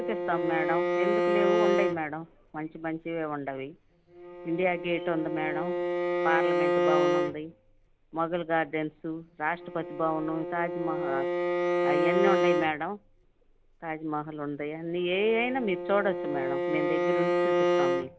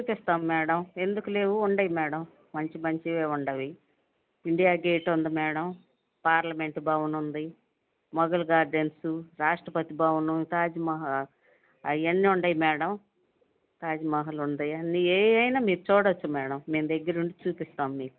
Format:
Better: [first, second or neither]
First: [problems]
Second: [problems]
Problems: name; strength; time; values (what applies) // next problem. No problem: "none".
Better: second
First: background sound (Bowed string instrument); 2 dB above the speech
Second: none